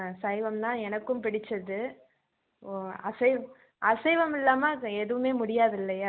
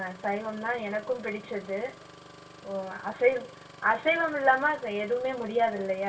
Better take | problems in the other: first | background sound (Engine starting); 20 dB below the speech // room echo; dies away in 0.1 s

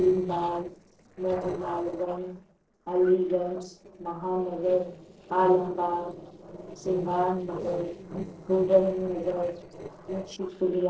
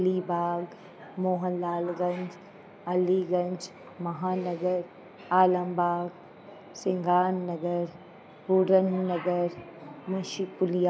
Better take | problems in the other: second | noise reduction (neural separator model SepFormer DNS4)

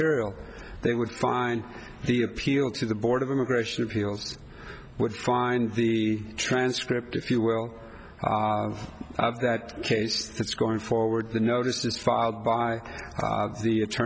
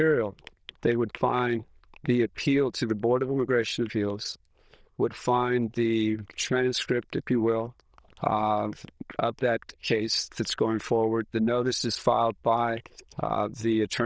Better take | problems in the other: first | noise reduction (neural diffusion model UNIVERSE++)

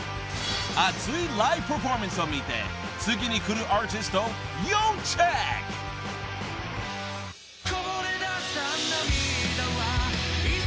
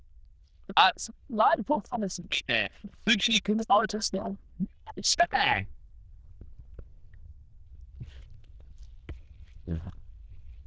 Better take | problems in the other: first | noise reduction (neural diffusion model UNIVERSE++)

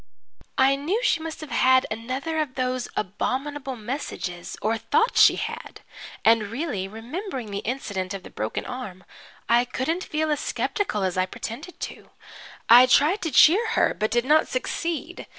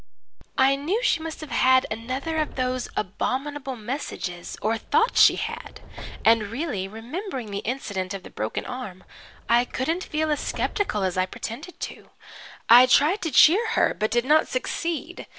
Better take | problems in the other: first | background sound (Subway, metro, underground); 18 dB below the speech

